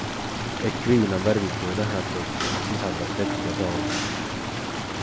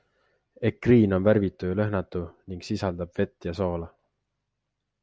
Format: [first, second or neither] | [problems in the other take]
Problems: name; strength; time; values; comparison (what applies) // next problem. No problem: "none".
second | background sound (Mechanisms + Stream); as loud as the speech